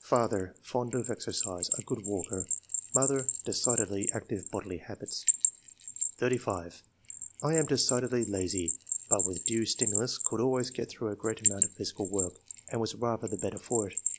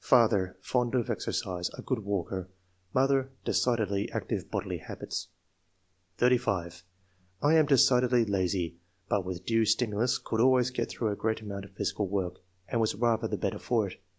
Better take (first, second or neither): second